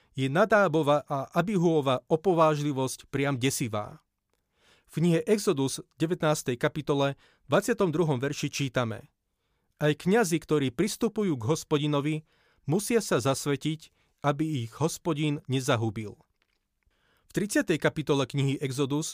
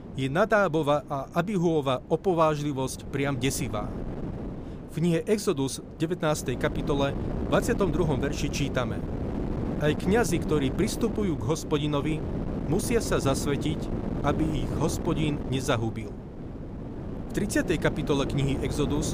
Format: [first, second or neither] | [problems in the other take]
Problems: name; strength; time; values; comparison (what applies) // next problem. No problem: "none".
first | wind noise on the microphone; heavy; 10 dB below the speech